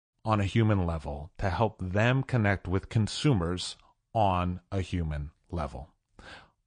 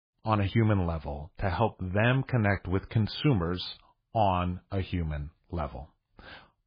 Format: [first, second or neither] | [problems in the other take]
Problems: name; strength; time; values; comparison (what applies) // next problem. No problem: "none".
first | garbled, watery; badly; nothing above 5 kHz; slightly in the first